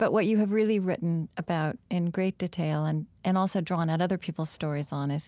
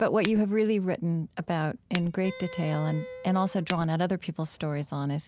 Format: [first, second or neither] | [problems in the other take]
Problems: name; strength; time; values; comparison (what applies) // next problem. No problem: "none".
first | background sound (Wind instrument, woodwind instrument + Shatter); 15 dB below the speech